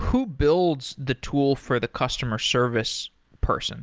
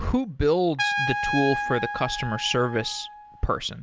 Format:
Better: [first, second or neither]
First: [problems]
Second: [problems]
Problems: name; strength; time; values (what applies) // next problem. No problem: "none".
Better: first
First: none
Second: background sound (Trumpet); 5 dB below the speech